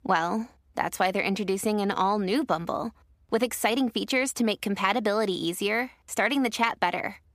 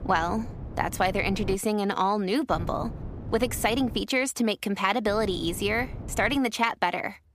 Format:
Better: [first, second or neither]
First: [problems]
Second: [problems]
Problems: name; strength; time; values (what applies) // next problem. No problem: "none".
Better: first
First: none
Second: wind noise on the microphone; occasional gusts; until 1.5 s, from 2.5 to 4 s and from 5 to 6.5 s; 20 dB below the speech